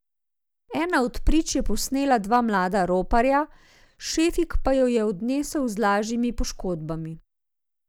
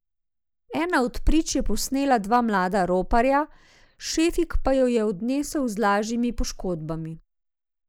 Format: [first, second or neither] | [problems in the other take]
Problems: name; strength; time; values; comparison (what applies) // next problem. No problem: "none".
first | noise reduction (neural mask model Resemble Enhance denoiser)